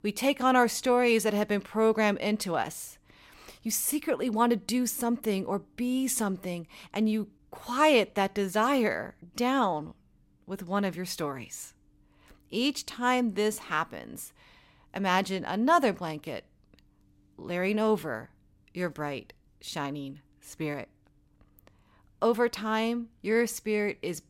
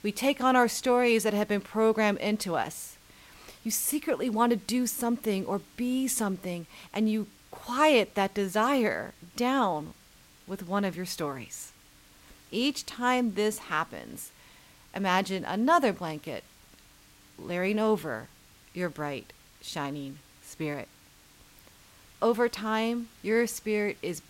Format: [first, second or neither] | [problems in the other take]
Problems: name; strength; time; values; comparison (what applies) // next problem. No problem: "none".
first | hiss; faint; throughout; 25 dB below the speech